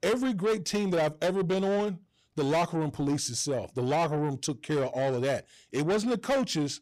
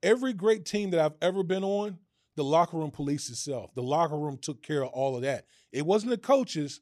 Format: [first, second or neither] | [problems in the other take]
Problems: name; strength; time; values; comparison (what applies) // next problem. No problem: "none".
second | distortion; heavy; 7 dB below the speech